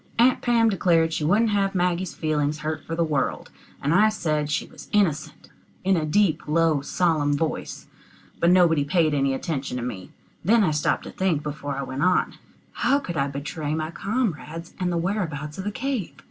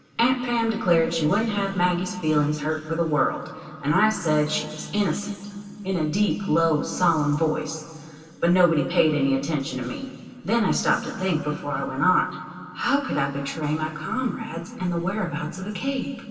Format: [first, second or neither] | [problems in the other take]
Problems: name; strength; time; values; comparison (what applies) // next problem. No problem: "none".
first | room echo; dies away in 2.4 s